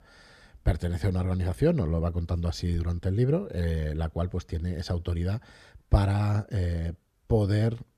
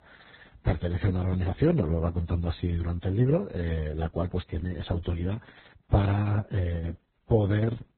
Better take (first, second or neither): first